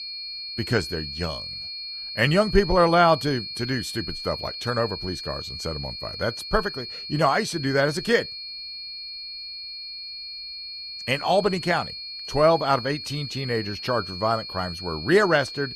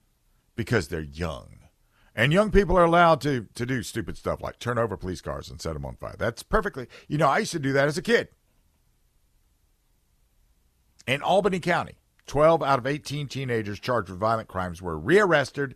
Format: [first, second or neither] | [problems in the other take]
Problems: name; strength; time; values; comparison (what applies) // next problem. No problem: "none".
second | high-pitched whine; loud; throughout; 4.5 kHz, 9 dB below the speech